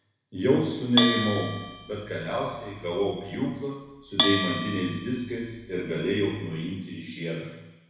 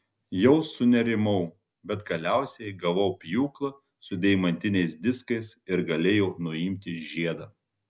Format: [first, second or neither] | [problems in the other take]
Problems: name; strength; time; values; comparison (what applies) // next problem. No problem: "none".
second | background sound (Bell); 4 dB below the speech // room echo; dies away in 1 s